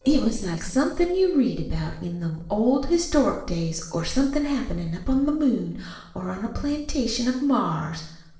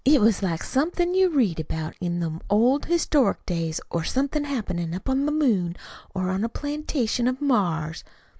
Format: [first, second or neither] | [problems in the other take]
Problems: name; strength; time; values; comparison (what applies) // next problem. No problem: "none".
second | noise reduction (neural separator model SepFormer DNS4)